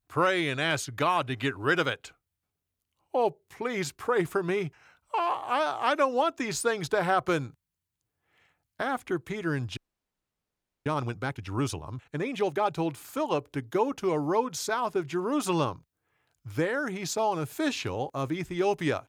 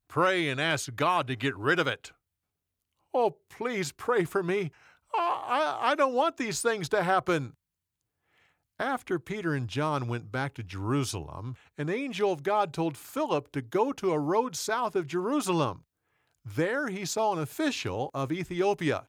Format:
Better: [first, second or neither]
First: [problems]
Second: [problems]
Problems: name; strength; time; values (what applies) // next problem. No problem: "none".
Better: second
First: audio freezing; at 10 s for 1 s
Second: none